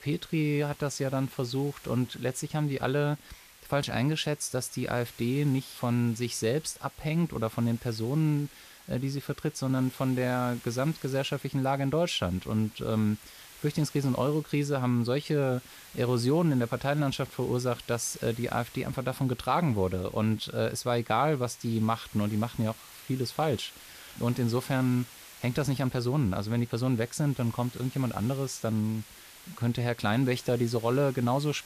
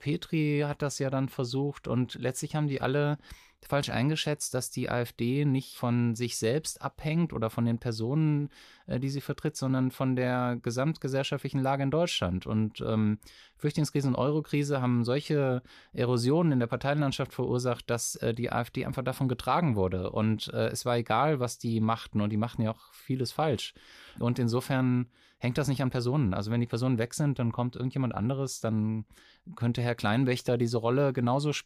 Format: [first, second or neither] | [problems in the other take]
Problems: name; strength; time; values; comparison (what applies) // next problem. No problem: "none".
second | hiss; noticeable; throughout; 20 dB below the speech